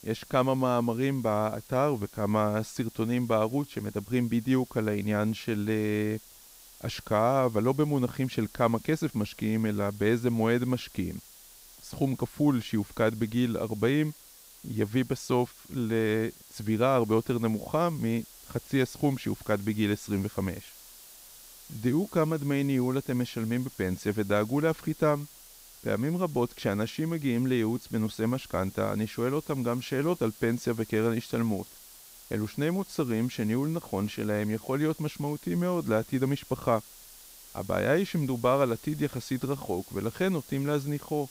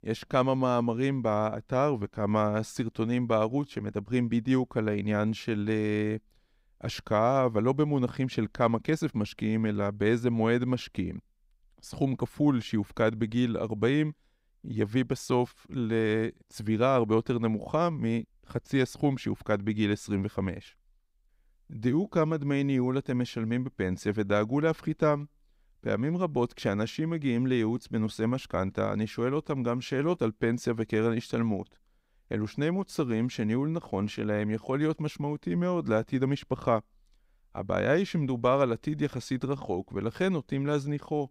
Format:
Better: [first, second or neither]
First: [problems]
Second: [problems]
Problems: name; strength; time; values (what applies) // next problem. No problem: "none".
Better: second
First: hiss; noticeable; throughout; 20 dB below the speech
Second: none